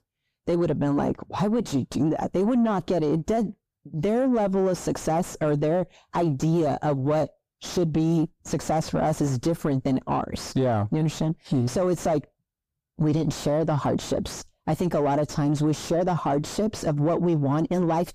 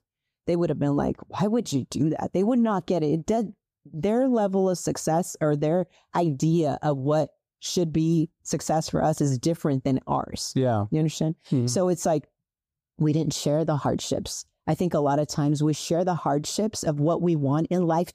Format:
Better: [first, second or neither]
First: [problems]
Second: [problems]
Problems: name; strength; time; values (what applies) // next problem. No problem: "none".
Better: second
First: distortion; slight; 8 dB below the speech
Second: none